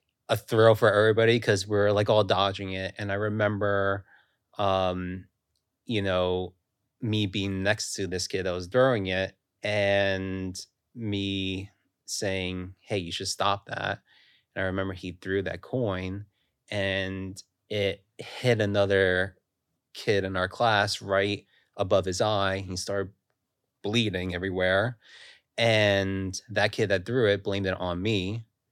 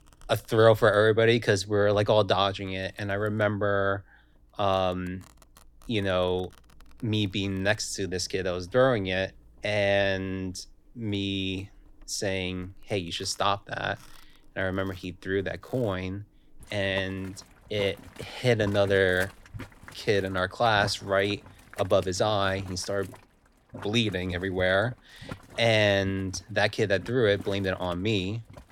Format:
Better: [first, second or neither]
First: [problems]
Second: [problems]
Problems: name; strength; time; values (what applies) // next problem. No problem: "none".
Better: first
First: none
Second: household noises; faint; throughout; 20 dB below the speech